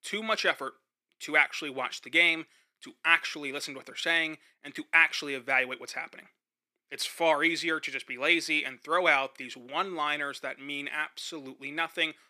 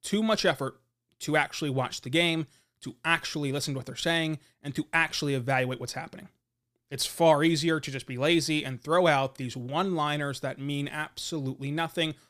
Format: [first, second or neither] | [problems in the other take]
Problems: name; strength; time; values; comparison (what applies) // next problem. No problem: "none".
second | thin; somewhat; fading below 300 Hz